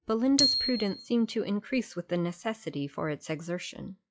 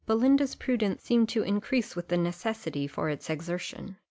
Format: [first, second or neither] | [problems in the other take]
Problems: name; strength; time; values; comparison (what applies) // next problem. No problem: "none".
second | noise reduction (classical method log-MMSE)